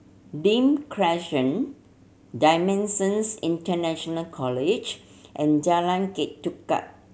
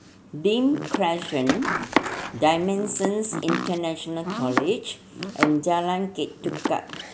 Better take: first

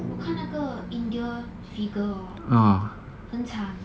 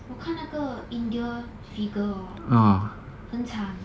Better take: second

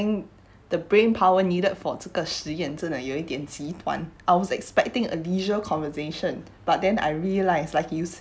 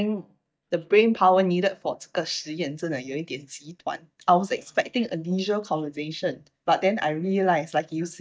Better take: first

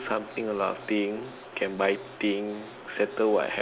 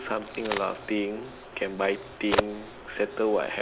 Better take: first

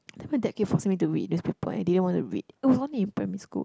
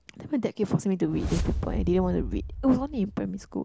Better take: first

